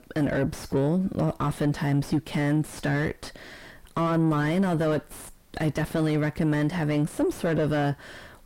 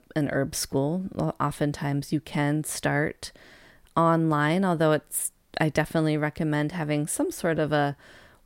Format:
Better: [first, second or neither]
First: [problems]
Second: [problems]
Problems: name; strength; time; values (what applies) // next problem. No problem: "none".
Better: second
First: distortion; heavy; 5 dB below the speech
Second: none